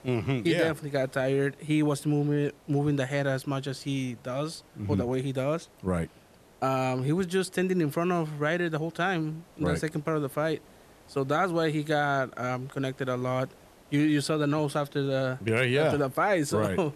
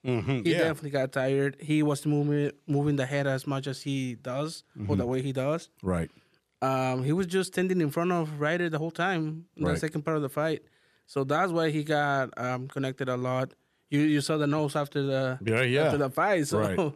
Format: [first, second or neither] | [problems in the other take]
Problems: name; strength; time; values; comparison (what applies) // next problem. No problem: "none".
second | hiss; faint; throughout; 25 dB below the speech